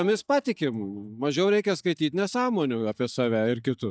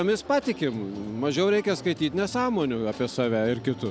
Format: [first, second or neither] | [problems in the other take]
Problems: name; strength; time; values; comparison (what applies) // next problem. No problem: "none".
second | noise reduction (neural mask model DeepFilterNet 3)